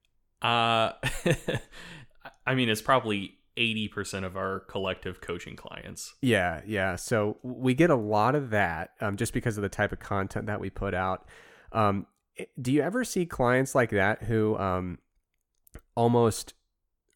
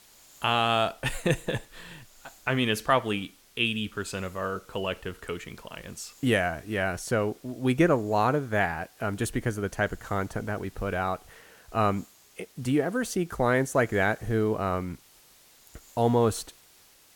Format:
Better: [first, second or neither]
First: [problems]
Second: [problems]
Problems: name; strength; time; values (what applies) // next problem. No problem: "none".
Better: first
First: none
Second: hiss; faint; throughout; 25 dB below the speech